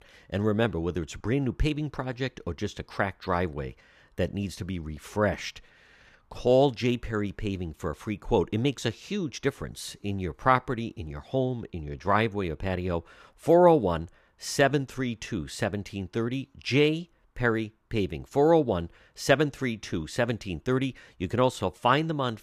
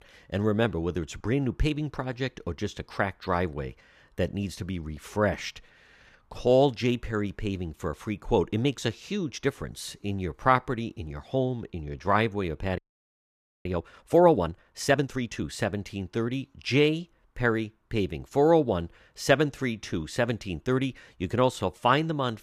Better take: first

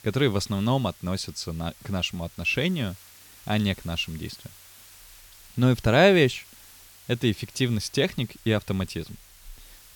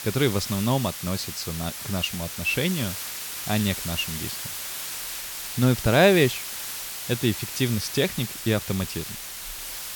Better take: first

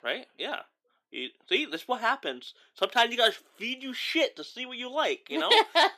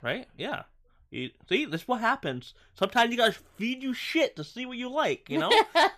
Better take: second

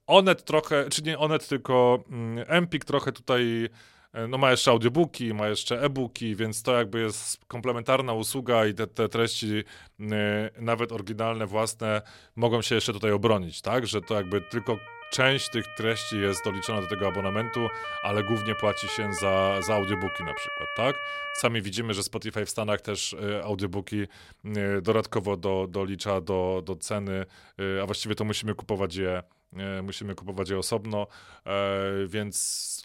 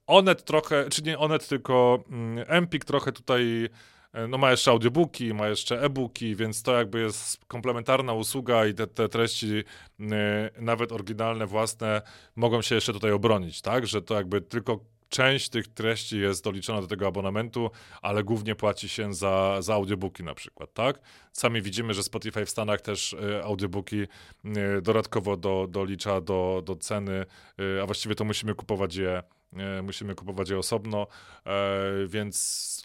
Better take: second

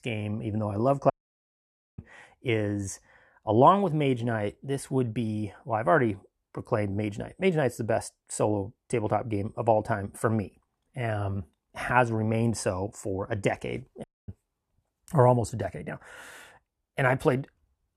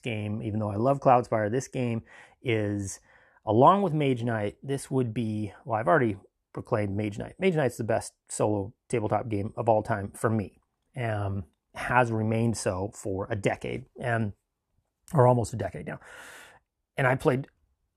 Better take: second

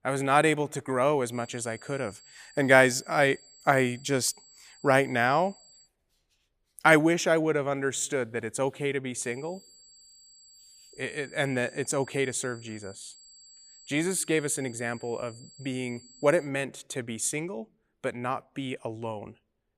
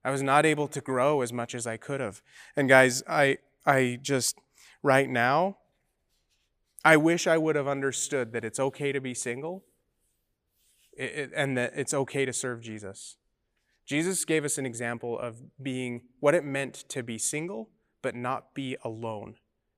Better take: second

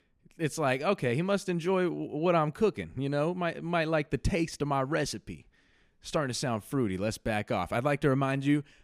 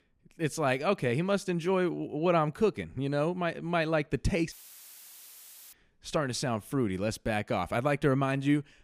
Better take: first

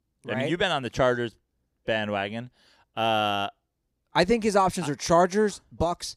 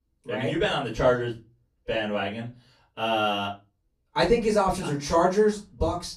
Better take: first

